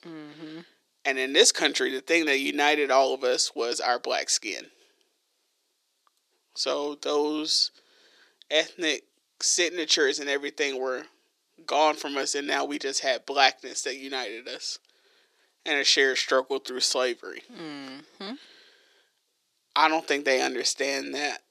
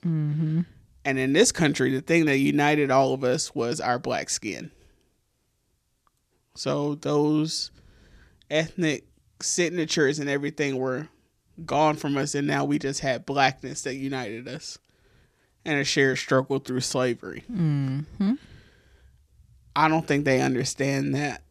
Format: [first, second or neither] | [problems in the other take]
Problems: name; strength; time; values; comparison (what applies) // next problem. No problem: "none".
second | thin; somewhat; fading below 350 Hz